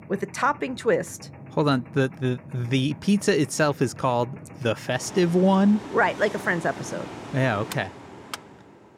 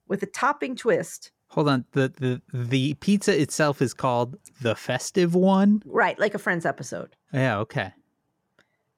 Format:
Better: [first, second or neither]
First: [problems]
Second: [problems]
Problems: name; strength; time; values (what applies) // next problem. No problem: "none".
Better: second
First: machinery noise; noticeable; throughout; 15 dB below the speech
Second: none